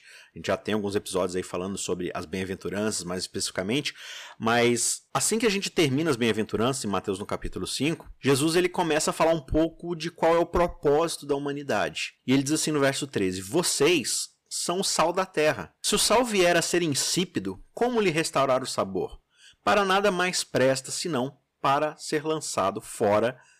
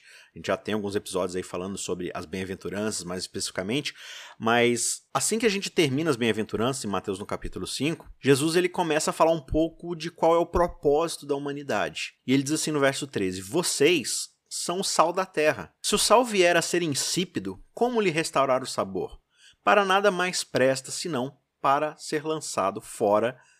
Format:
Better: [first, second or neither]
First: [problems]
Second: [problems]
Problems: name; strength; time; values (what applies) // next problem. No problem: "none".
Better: second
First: distortion; slight; 4% of the sound clipped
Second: none